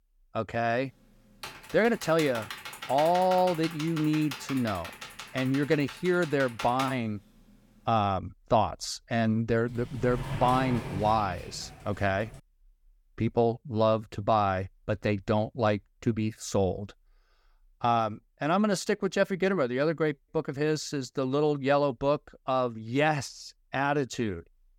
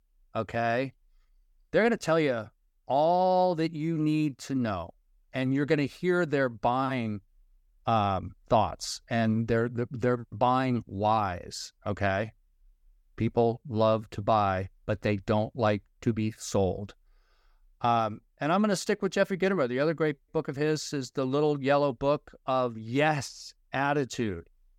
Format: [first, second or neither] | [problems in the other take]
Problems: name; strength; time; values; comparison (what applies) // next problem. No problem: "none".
second | keyboard typing; noticeable; from 1.5 to 7 s; peak 9 dB below the speech // door banging; noticeable; from 9.5 to 12 s; peak 6 dB below the speech